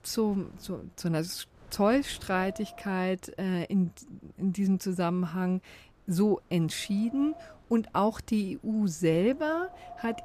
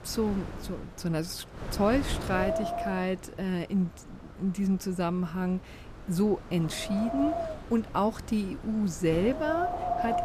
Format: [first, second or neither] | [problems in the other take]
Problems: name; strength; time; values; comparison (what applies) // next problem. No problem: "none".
first | wind noise on the microphone; heavy; 1 dB below the speech; occasional gusts in the first